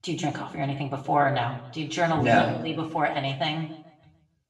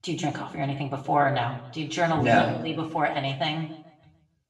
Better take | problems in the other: neither | room echo; slight; dies away in 0.6 s; the same in both // off-mic speech; far; the same in both

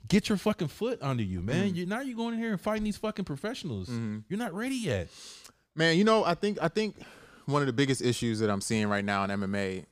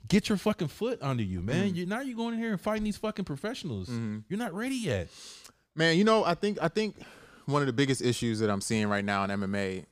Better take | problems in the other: neither | none

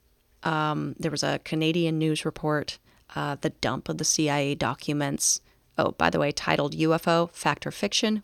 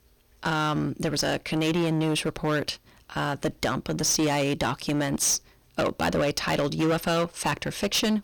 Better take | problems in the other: first | distortion; heavy; 14% of the sound clipped

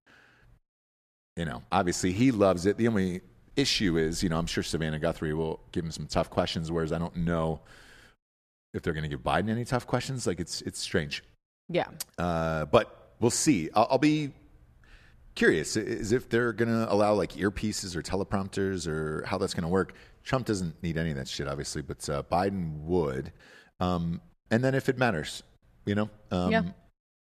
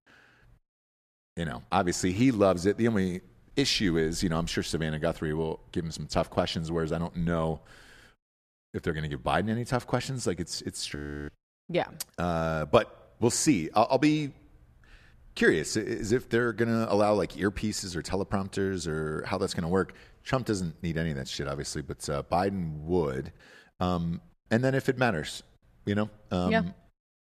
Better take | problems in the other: first | audio freezing; at 11 s

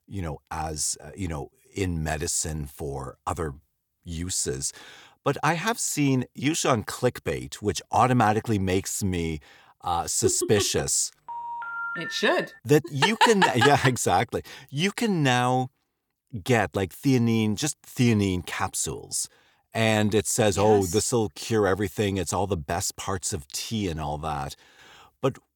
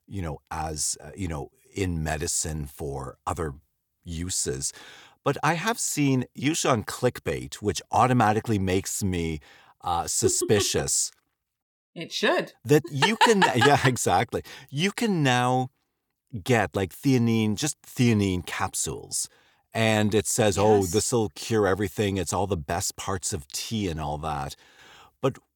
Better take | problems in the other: second | phone ringing; noticeable; from 11 to 13 s; peak 6 dB below the speech

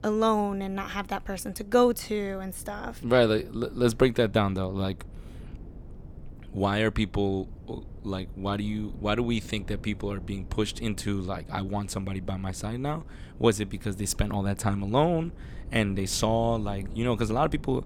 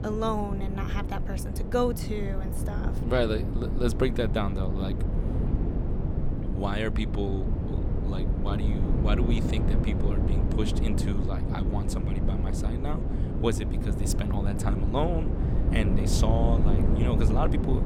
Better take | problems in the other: first | wind noise on the microphone; heavy; 4 dB below the speech; occasional gusts in the first

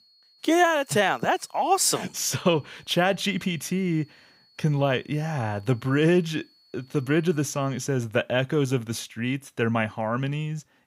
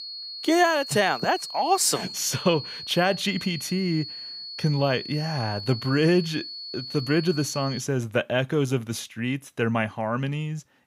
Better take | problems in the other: first | high-pitched whine; loud; until 8 s; 4.5 kHz, 9 dB below the speech; faint in the first

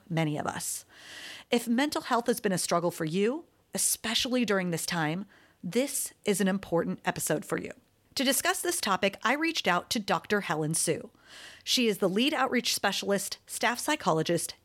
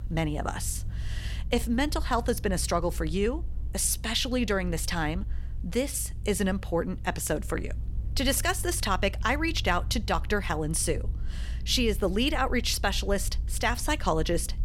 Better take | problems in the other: first | low rumble; faint; throughout; 25 dB below the speech

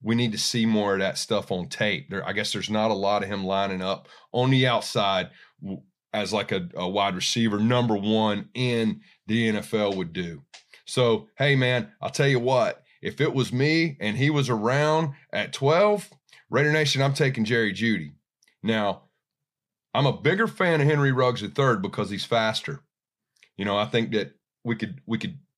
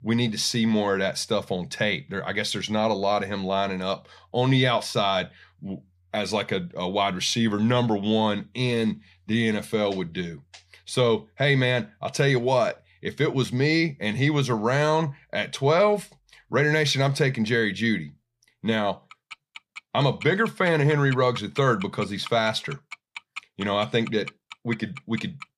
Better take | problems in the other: first | household noises; noticeable; throughout; 15 dB below the speech

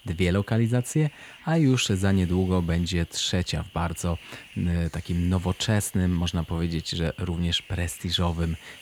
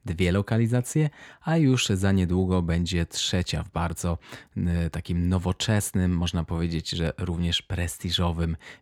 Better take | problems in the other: second | hiss; faint; throughout; 20 dB below the speech

